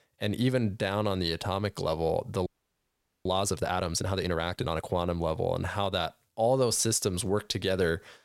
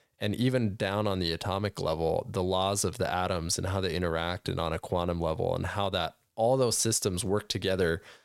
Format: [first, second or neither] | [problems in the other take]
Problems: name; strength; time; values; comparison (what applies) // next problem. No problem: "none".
second | audio freezing; at 2.5 s for 1 s